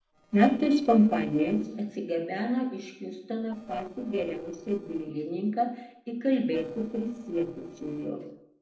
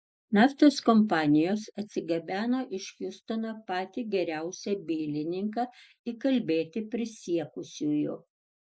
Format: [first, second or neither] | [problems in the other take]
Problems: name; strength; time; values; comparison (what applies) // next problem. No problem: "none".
second | noise reduction (neural separator model SepFormer DNS4)